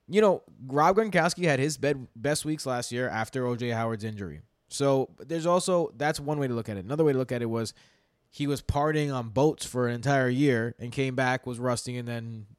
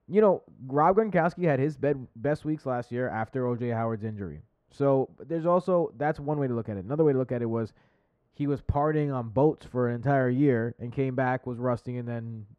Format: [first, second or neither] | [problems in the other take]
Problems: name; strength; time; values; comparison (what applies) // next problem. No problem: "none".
first | muffled; very; fading above 3 kHz